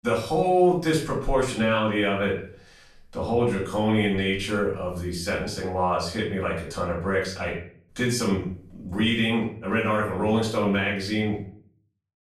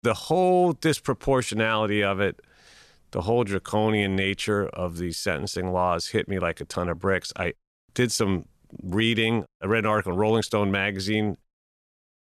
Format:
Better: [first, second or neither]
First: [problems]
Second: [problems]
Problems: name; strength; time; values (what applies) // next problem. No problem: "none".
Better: second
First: off-mic speech; far // room echo; slight; dies away in 0.4 s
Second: none